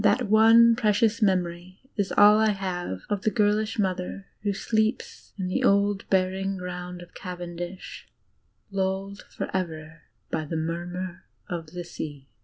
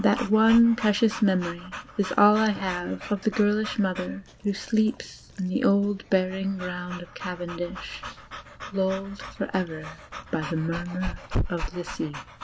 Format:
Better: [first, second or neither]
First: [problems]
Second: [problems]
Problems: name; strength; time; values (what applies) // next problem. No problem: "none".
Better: first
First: none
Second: background sound (Dog / Breathing); 11 dB below the speech